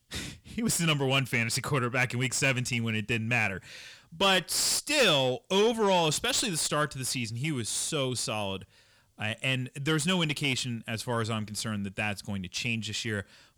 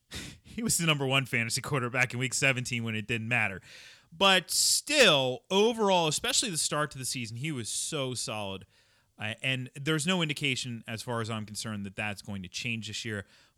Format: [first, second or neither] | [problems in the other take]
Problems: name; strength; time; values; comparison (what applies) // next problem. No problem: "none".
second | distortion; slight; 10 dB below the speech